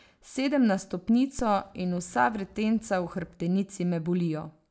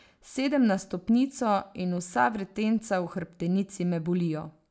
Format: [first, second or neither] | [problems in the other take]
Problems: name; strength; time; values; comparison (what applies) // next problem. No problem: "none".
second | background sound (Dog); 20 dB below the speech